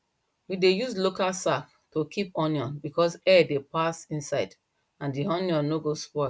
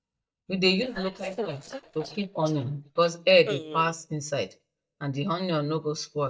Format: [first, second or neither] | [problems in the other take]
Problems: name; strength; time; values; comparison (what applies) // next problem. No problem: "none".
first | noise reduction (neural mask model DeepFilterNet 3)